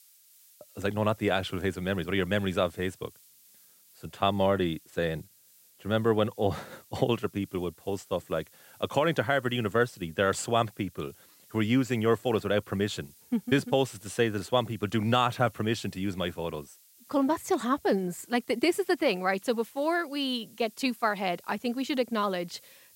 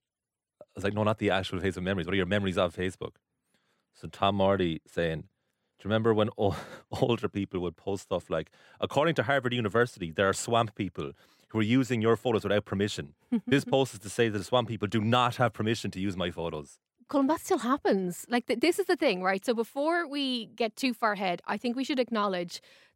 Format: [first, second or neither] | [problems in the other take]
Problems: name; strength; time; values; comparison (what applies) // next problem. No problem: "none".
second | hiss; faint; throughout; 25 dB below the speech